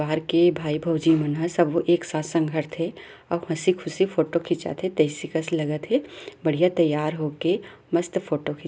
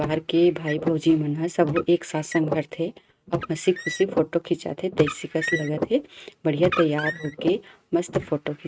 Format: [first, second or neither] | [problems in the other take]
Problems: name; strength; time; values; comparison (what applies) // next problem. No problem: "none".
first | noise reduction (neural mask model RNNoise)